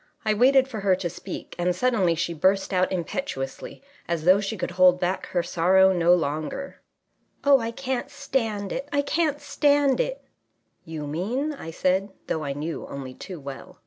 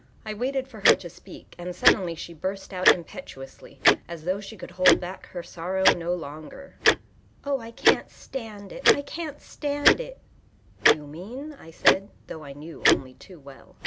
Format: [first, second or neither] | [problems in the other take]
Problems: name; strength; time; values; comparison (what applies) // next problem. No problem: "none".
first | background sound (Tick-tock); 4 dB above the speech